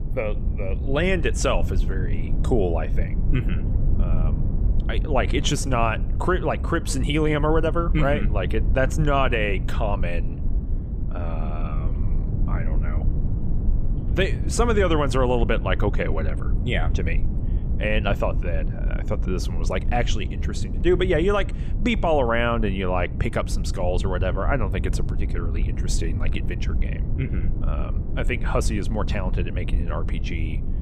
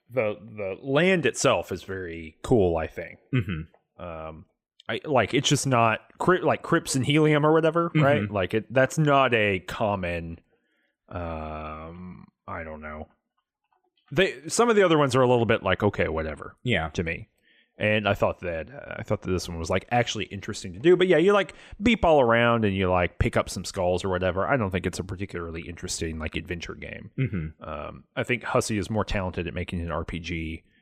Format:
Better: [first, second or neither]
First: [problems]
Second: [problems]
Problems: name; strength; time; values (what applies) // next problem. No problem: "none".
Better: second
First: low rumble; noticeable; throughout; 15 dB below the speech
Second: none